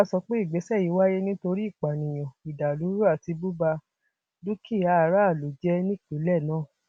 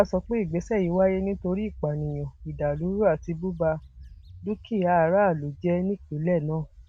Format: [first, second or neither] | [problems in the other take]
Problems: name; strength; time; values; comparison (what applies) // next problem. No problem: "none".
first | background sound (Bird); 18 dB below the speech